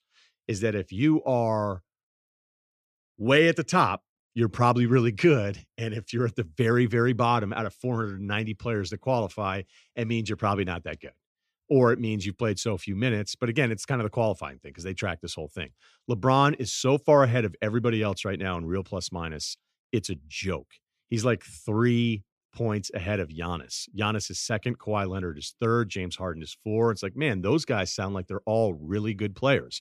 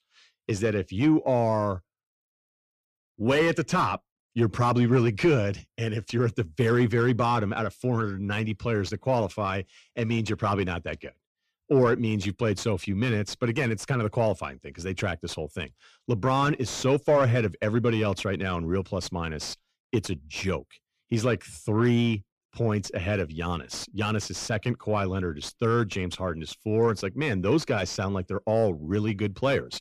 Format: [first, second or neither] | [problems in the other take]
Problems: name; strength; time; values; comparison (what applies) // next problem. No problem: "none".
first | distortion; slight; 10 dB below the speech